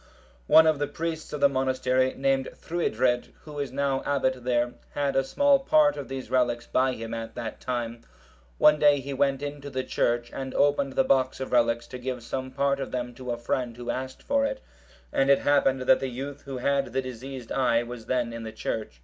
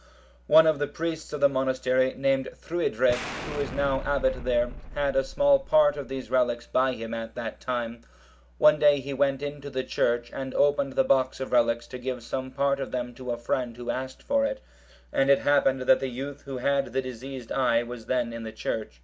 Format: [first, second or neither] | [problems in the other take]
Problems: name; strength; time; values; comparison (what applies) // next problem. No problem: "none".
first | background sound (Explosion); 11 dB below the speech